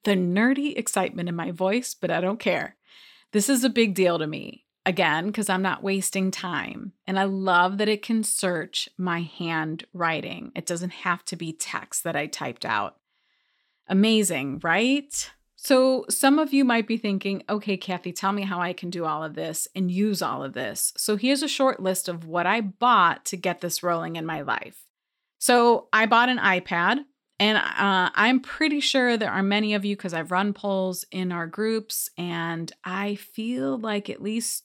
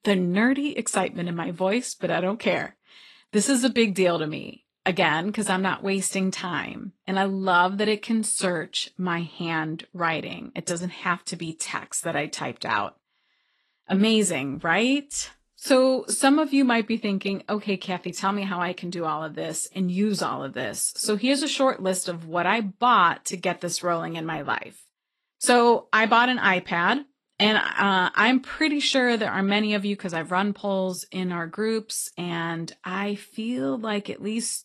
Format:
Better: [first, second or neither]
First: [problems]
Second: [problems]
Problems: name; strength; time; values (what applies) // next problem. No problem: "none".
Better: first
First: none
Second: garbled, watery; slightly; nothing above 11 kHz